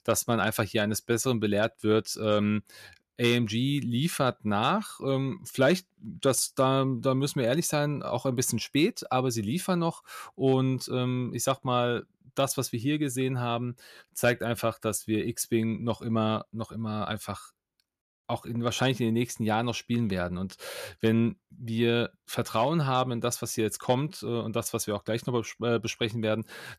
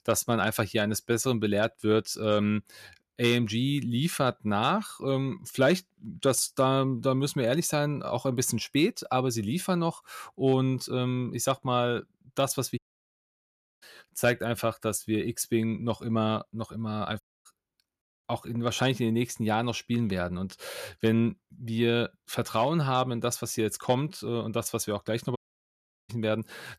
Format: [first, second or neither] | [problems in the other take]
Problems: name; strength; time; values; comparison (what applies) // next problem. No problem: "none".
first | audio cutting out; at 13 s for 1 s, at 17 s and at 25 s for 0.5 s